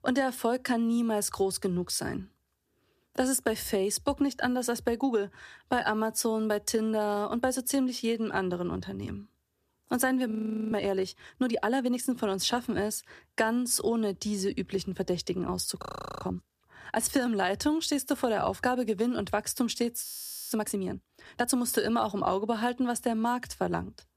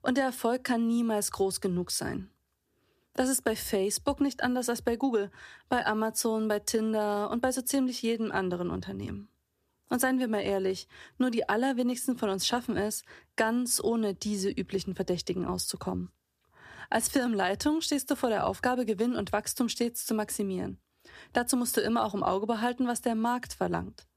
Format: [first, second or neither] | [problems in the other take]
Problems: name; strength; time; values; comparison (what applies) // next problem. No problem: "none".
second | audio freezing; at 10 s, at 16 s and at 20 s